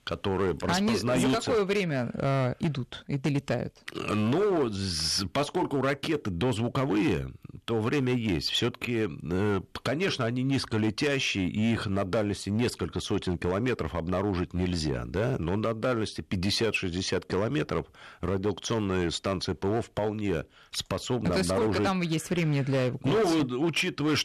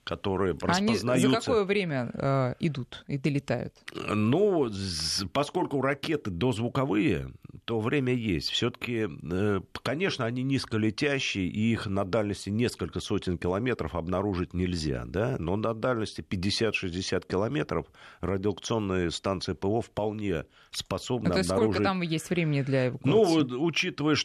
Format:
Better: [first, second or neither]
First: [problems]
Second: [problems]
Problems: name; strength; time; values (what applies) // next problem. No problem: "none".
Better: second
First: distortion; slight; 10% of the sound clipped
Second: none